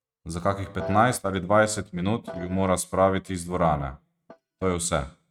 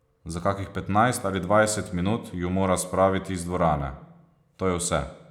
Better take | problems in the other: second | noise reduction (neural mask model RNNoise)

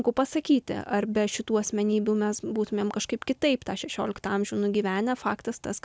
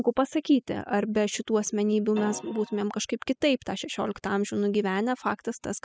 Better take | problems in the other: first | noise reduction (classical method spectral subtraction)

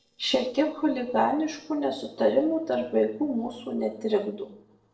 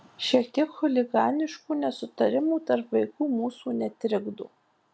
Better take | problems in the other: second | noise reduction (neural separator model SepFormer DNS4)

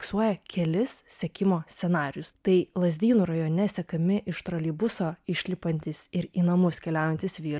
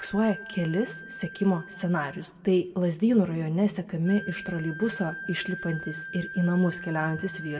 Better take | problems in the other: first | background sound (Wind instrument, woodwind instrument); 14 dB below the speech // room echo; dies away in 0.9 s

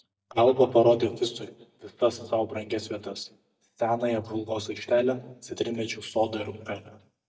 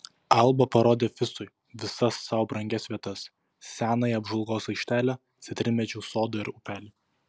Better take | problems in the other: second | noise reduction (neural mask model DeepFilterNet 3)

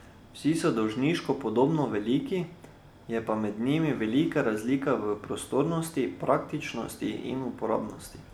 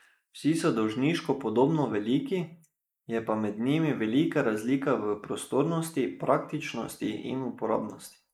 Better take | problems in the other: first | noise reduction (neural mask model Resemble Enhance denoiser)

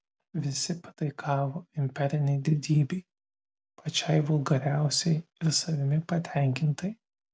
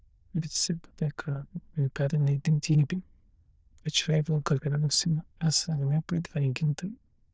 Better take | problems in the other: first | noise reduction (neural diffusion model UNIVERSE++)

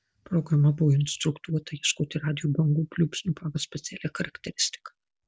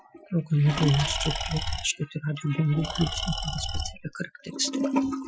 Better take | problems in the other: first | noise reduction (classical method Wiener filter)

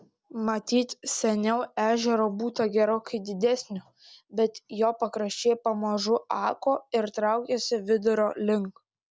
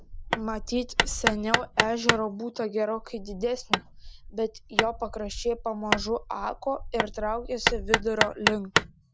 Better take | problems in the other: first | background sound (Hammer); 1 dB above the speech

